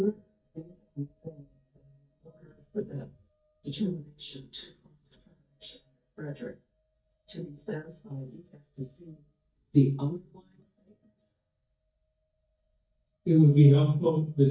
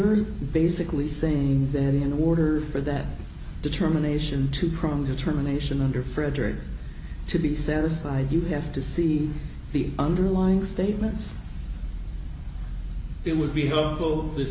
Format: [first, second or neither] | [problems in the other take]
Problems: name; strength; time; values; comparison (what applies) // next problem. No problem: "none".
second | noise reduction (neural mask model DeepFilterNet 3)